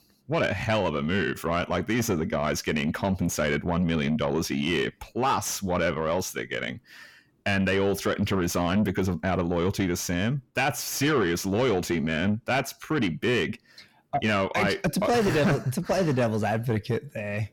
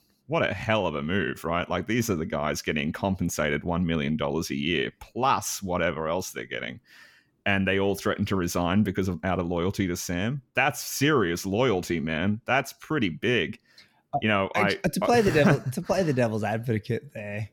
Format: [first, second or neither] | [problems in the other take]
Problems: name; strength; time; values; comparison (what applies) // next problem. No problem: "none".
second | distortion; slight; 10 dB below the speech